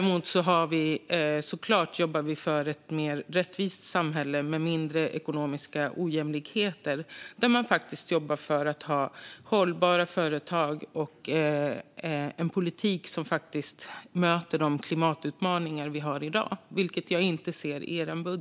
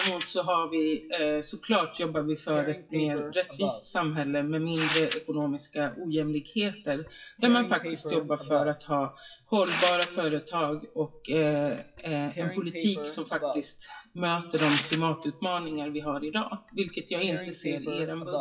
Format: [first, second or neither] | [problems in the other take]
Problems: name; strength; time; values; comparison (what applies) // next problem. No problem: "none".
first | noise reduction (classical method WPE with log-MMSE)